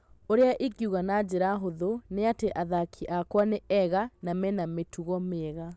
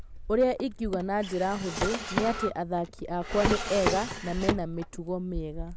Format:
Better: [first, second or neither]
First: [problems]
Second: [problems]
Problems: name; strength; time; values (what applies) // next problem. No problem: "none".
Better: first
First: none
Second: background sound (Drawer open or close); 4 dB below the speech